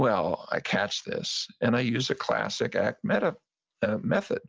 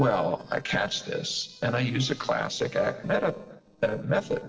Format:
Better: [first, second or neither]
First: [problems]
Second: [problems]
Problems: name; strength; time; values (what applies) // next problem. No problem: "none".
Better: first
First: none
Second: noise reduction (neural separator model SepFormer DNS4)